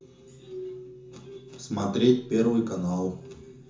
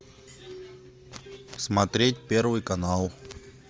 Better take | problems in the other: second | room echo; dies away in 0.6 s

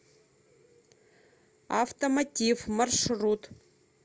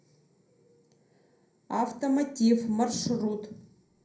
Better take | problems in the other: first | room echo; dies away in 0.5 s

